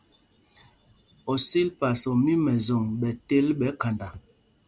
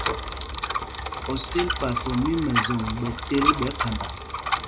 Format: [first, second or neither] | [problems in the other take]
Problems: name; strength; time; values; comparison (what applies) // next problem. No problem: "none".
first | background sound (Bicycle); as loud as the speech